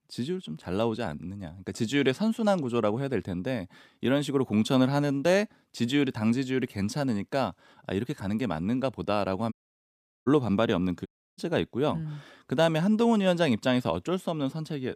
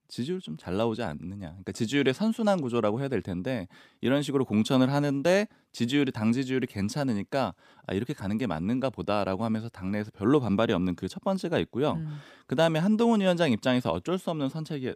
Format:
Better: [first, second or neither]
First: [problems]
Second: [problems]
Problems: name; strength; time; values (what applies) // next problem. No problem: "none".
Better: second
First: audio cutting out; at 9.5 s for 0.5 s and at 11 s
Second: none